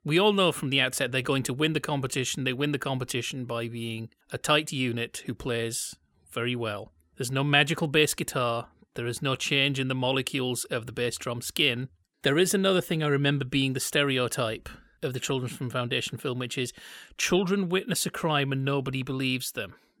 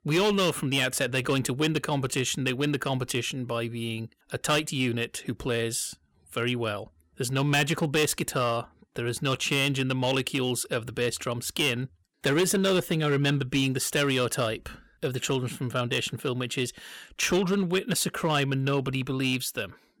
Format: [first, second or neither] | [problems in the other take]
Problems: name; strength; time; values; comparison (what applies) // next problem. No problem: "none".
first | distortion; slight; 4% of the sound clipped